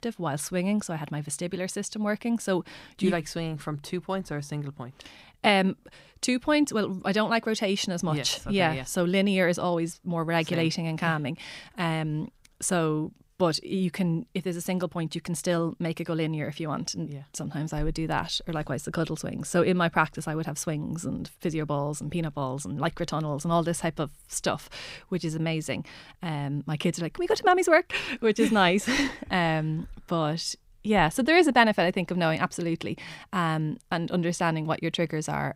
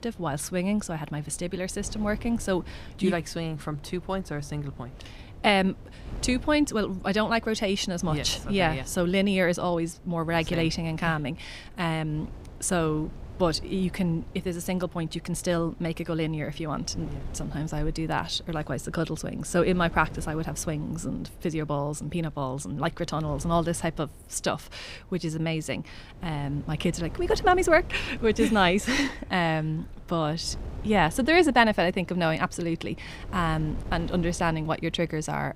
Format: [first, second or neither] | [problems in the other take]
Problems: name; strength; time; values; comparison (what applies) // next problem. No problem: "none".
first | wind noise on the microphone; occasional gusts; 25 dB below the speech